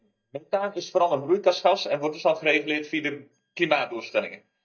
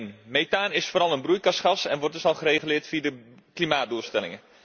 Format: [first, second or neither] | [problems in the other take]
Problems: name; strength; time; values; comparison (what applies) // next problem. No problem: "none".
second | noise reduction (neural mask model DeepFilterNet 3)